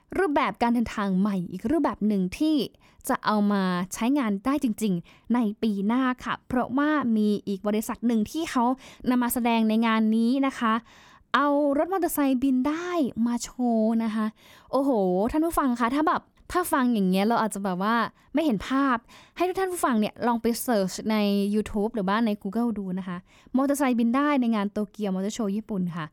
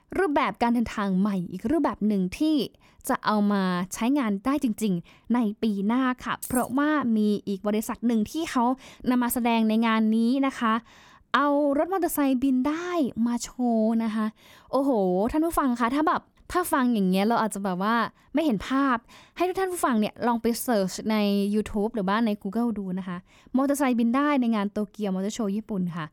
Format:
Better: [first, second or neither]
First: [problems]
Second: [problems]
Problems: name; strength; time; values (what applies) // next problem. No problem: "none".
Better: first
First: none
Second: jangling keys; noticeable; at 6.5 s; peak 9 dB below the speech